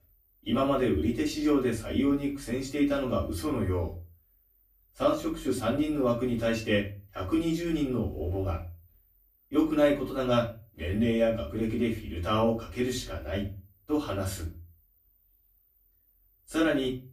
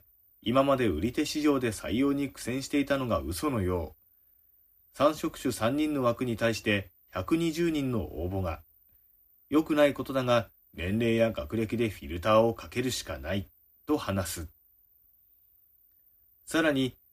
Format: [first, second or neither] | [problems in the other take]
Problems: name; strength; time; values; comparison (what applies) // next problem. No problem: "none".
second | off-mic speech; far // room echo; slight; dies away in 0.3 s